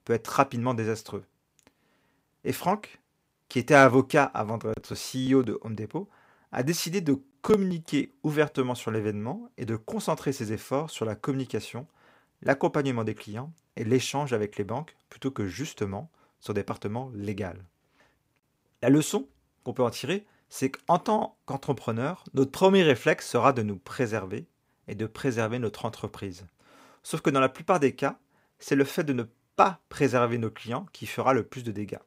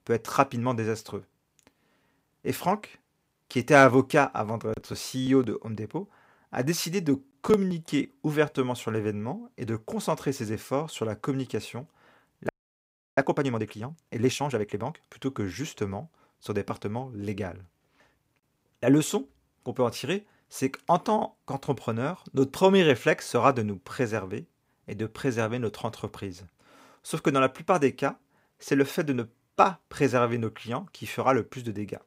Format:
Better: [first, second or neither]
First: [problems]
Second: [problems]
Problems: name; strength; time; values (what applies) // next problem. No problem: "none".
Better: first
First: none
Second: audio freezing; at 12 s for 0.5 s